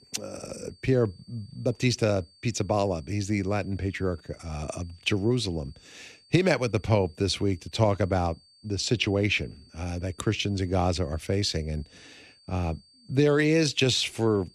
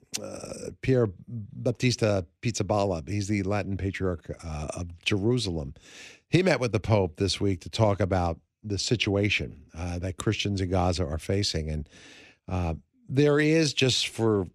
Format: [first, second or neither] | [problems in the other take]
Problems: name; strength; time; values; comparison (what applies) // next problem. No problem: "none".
second | high-pitched whine; faint; throughout; 4.5 kHz, 30 dB below the speech